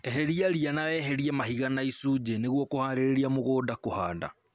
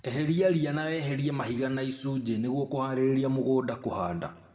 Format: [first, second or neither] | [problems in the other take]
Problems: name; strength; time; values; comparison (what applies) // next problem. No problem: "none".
first | room echo; dies away in 1 s